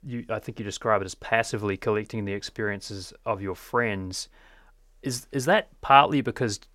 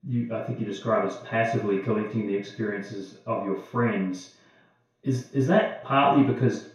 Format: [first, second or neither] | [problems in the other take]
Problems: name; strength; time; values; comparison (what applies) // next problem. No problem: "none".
first | room echo; noticeable; dies away in 0.5 s // off-mic speech; far